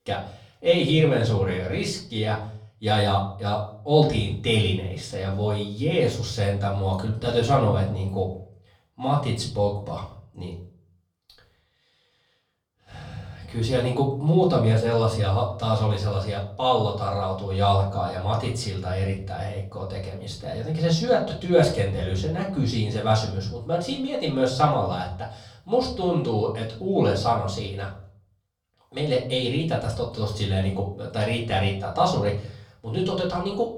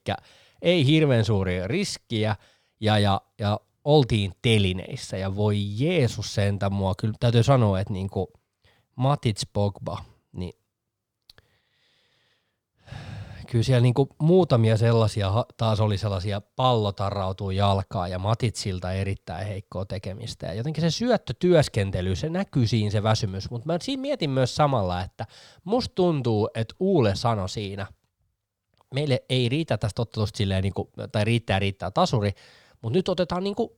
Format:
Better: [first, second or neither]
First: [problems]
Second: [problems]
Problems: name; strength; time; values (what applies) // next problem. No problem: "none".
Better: second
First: off-mic speech; far // room echo; slight; dies away in 0.4 s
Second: none